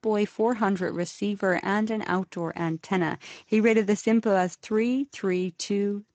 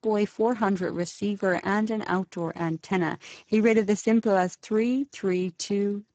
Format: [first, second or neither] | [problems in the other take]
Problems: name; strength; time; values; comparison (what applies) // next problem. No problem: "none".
first | garbled, watery; badly; nothing above 7.5 kHz; slightly in the first